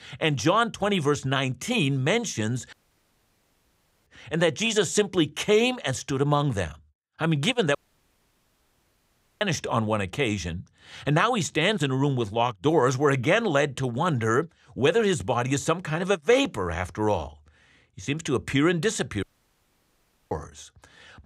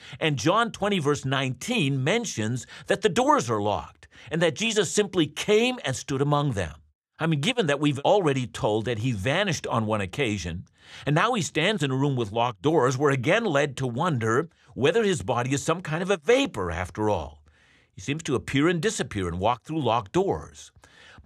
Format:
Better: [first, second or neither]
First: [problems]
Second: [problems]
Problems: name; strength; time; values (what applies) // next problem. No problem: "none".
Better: second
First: audio cutting out; at 2.5 s for 1.5 s, at 8 s for 1.5 s and at 19 s for 1 s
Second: none